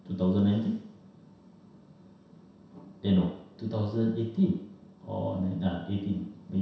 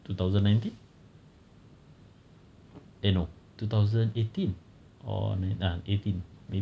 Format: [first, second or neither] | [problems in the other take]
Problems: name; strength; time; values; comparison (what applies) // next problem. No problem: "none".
second | room echo; dies away in 0.7 s